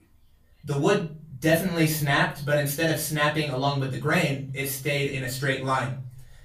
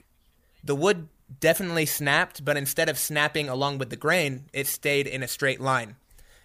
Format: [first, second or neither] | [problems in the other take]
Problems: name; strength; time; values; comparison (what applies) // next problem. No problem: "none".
second | off-mic speech; far // room echo; slight; dies away in 0.7 s